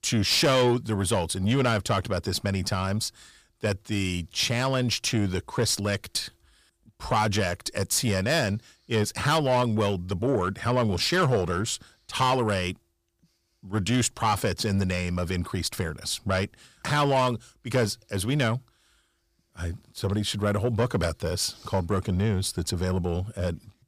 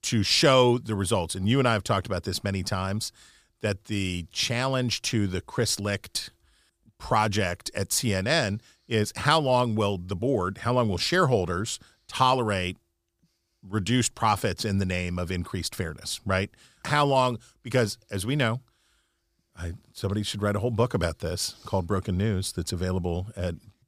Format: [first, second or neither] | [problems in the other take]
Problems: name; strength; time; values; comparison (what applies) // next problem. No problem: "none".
second | distortion; slight; 10 dB below the speech